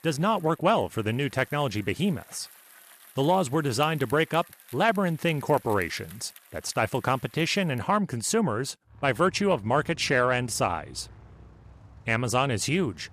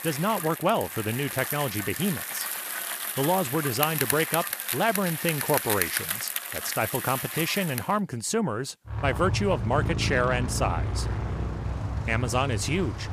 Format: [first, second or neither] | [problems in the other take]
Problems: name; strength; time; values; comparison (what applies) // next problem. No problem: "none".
first | traffic noise; loud; throughout; 3 dB below the speech; faint in the first